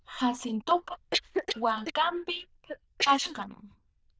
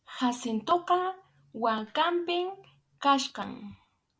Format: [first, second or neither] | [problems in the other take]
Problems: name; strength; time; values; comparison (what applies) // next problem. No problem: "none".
second | noise reduction (neural diffusion model UNIVERSE++)